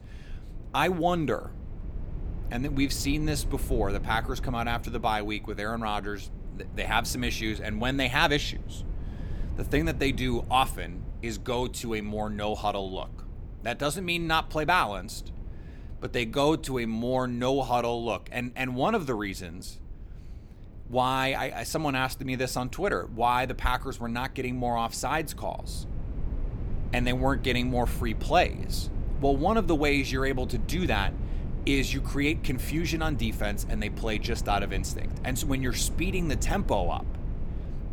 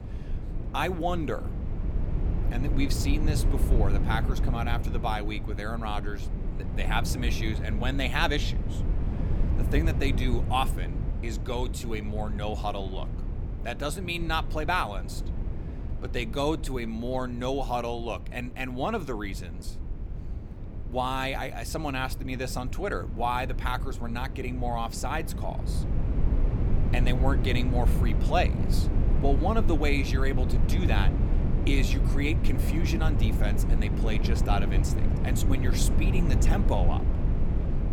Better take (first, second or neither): first